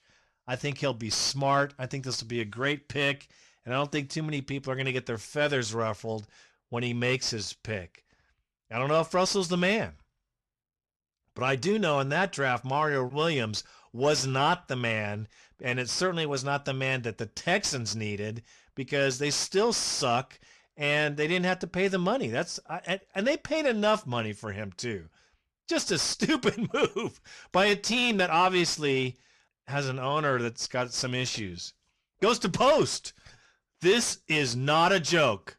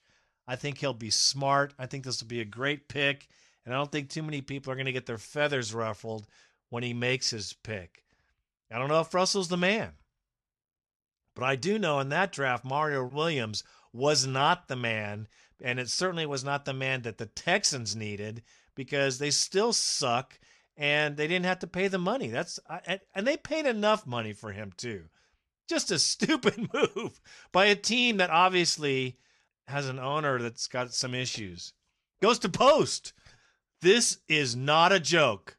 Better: second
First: distortion; slight; 10 dB below the speech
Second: none

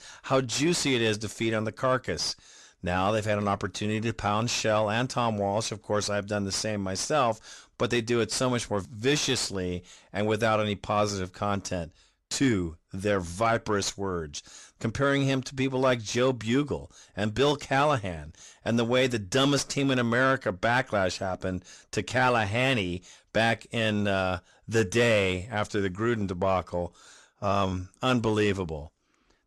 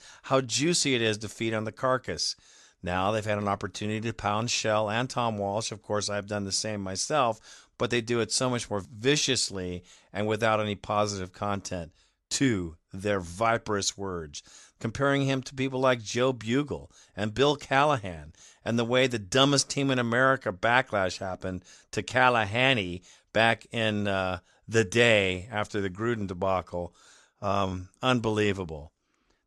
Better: second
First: distortion; slight; 10 dB below the speech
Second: none

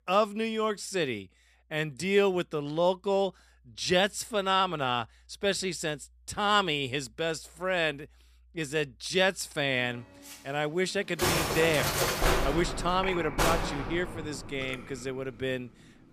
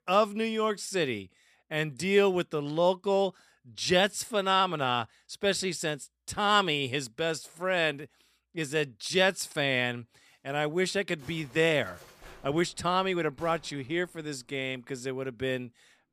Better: second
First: background music; loud; throughout; 1 dB below the speech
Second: background music; faint; throughout; 25 dB below the speech

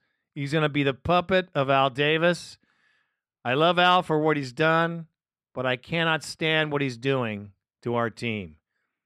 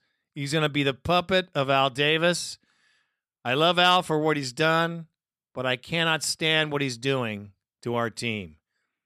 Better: second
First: muffled; slightly; fading above 3.5 kHz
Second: none

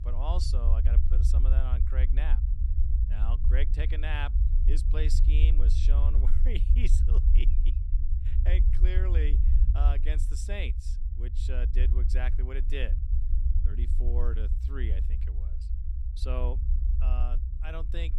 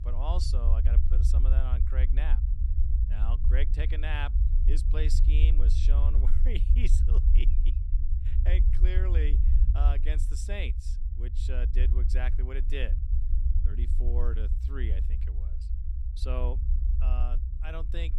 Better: neither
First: low rumble; loud; throughout; 6 dB below the speech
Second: low rumble; loud; throughout; 6 dB below the speech

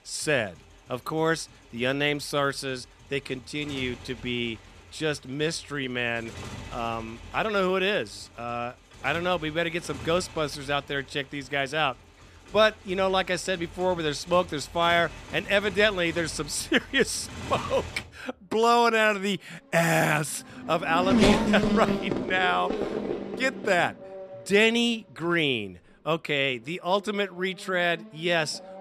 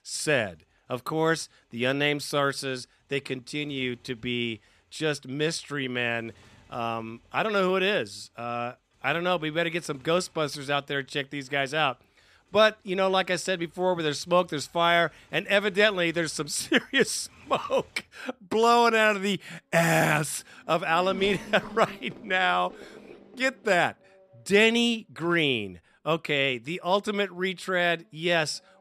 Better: second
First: traffic noise; loud; throughout; 6 dB below the speech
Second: traffic noise; faint; throughout; 25 dB below the speech

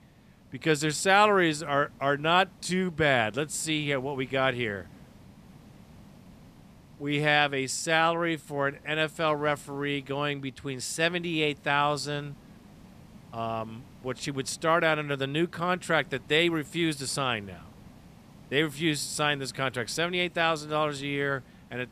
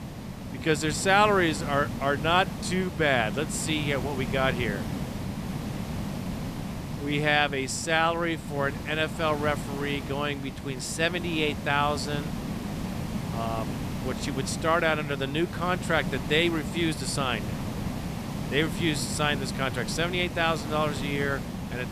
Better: first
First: hiss; faint; throughout; 25 dB below the speech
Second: hiss; loud; throughout; 7 dB below the speech

